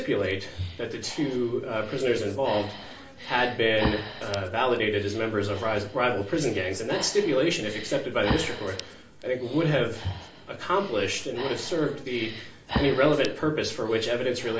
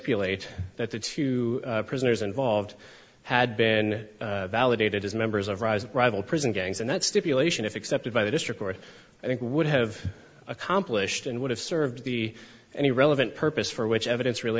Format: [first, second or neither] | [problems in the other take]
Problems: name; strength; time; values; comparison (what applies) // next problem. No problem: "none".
second | background sound (Breathing); 11 dB below the speech // room echo; dies away in 0.3 s